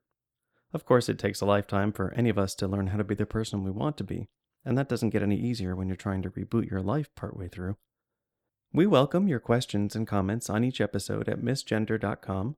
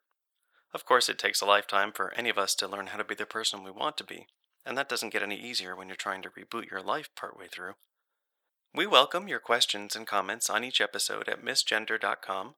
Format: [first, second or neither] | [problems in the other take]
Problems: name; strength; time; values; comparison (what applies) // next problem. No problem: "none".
first | thin; very; fading below 950 Hz